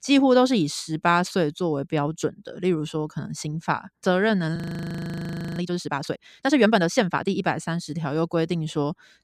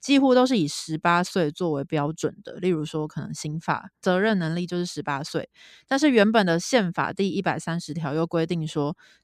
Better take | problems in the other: second | audio freezing; at 4.5 s for 1 s

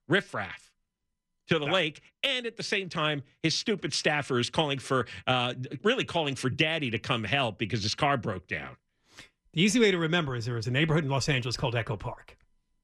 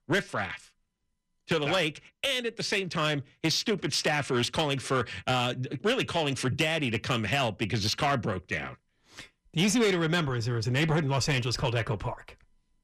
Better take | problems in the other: first | distortion; slight; 10 dB below the speech

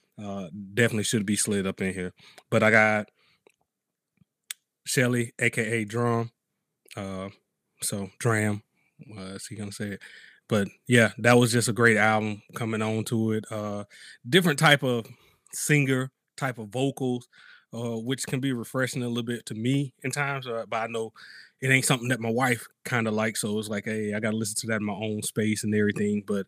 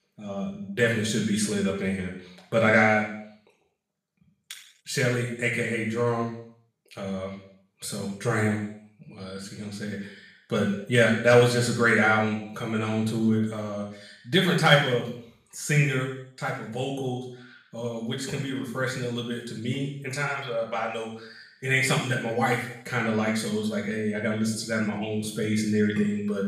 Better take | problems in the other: first | room echo; noticeable; dies away in 0.7 s // off-mic speech; far

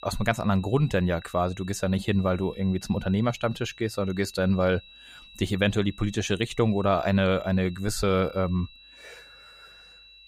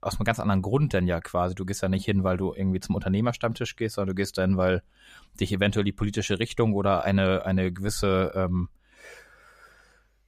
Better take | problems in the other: second | high-pitched whine; faint; throughout; 4 kHz, 20 dB below the speech

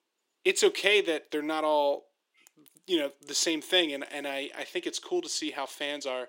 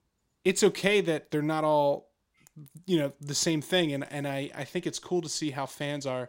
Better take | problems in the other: second | thin; somewhat; fading below 350 Hz

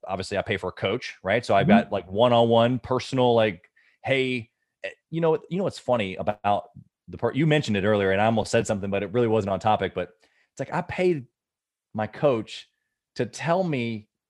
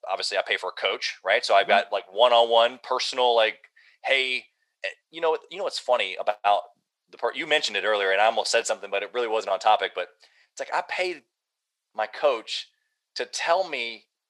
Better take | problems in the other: first | thin; very; fading below 600 Hz

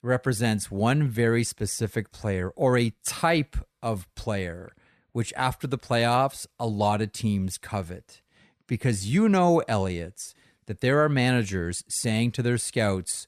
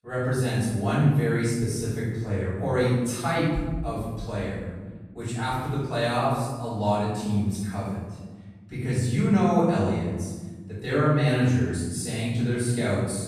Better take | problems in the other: first | off-mic speech; far // room echo; strong; dies away in 1.5 s

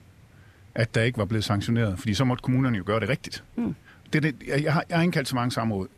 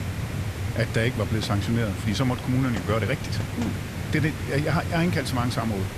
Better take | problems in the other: first | hiss; loud; throughout; 4 dB below the speech; faint in the first

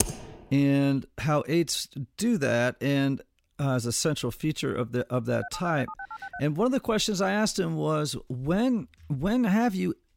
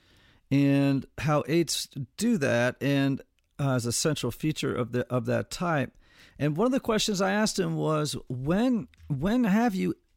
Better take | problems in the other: second | keyboard typing; noticeable; at the start; peak 2 dB below the speech // phone ringing; faint; at 5.5 s; peak 10 dB below the speech

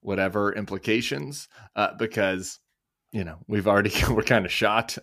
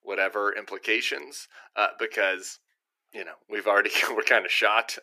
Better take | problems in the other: first | thin; very; fading below 350 Hz

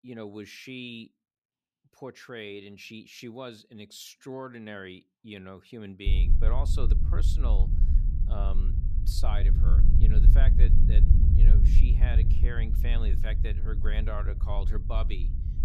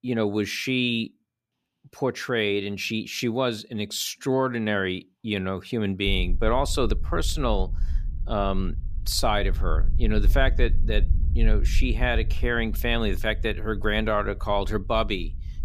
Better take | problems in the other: second | low rumble; loud; from 6 s on; 4 dB below the speech; faint in the second

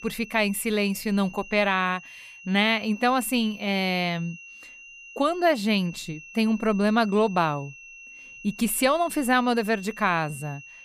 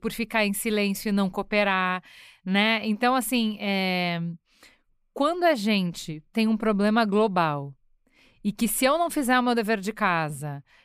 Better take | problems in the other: second | high-pitched whine; noticeable; throughout; 2.5 kHz, 20 dB below the speech

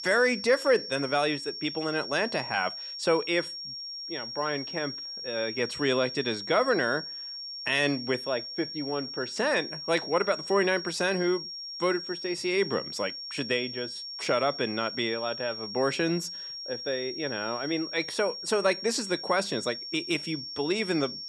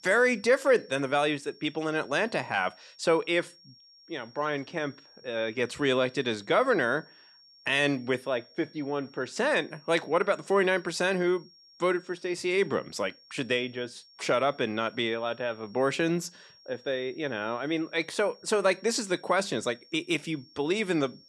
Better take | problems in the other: second | high-pitched whine; loud; throughout; 5.5 kHz, 7 dB below the speech; faint in the second

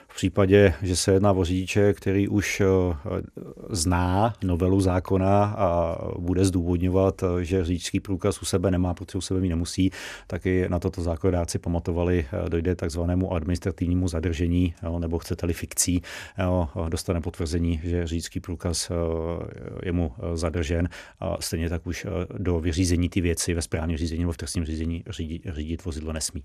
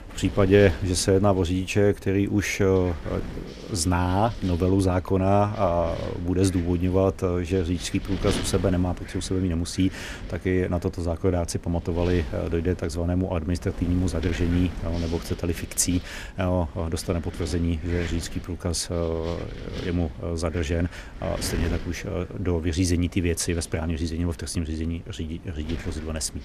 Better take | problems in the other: first | wind noise on the microphone; occasional gusts; 15 dB below the speech

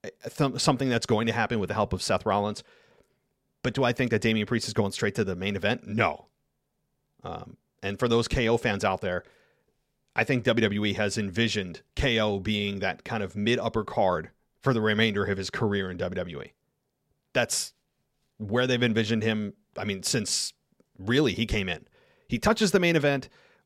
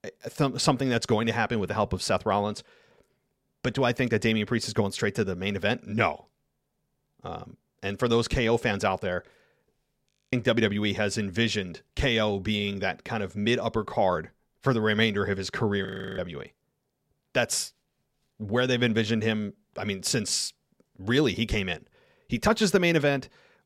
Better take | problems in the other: first | audio freezing; at 10 s and at 16 s

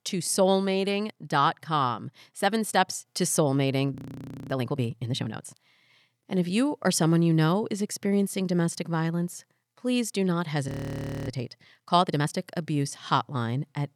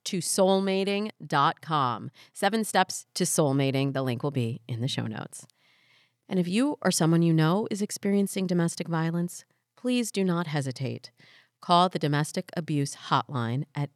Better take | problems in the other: second | audio freezing; at 4 s for 0.5 s and at 11 s for 0.5 s

